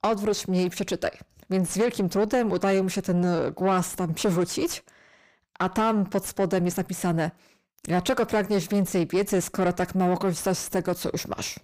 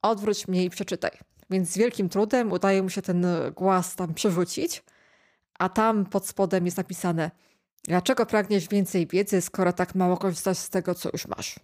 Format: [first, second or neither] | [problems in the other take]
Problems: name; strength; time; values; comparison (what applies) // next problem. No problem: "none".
second | distortion; slight; 10 dB below the speech